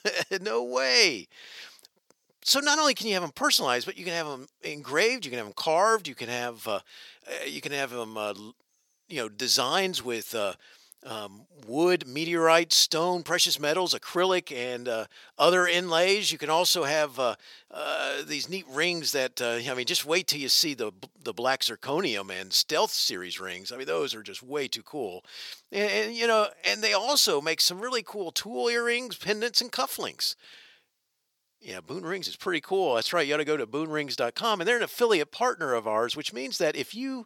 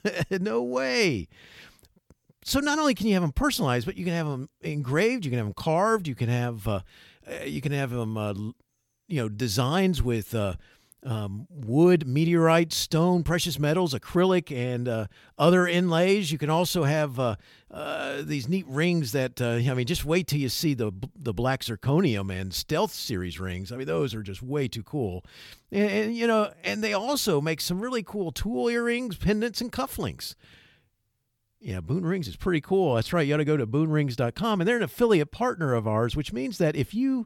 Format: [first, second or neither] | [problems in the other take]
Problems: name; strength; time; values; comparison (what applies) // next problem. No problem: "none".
second | thin; somewhat; fading below 450 Hz